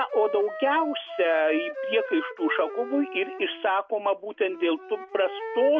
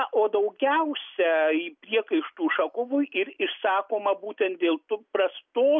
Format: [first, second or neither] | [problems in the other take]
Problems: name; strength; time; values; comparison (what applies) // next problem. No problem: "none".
second | background sound (Wind instrument, woodwind instrument); 10 dB below the speech